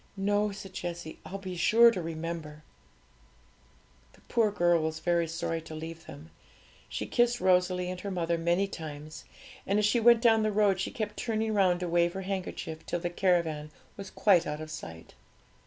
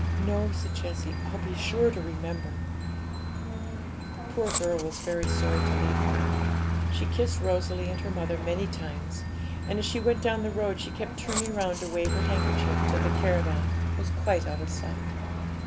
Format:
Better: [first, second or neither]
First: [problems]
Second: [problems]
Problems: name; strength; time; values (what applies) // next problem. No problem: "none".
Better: first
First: none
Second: background sound (Aircraft); 3 dB above the speech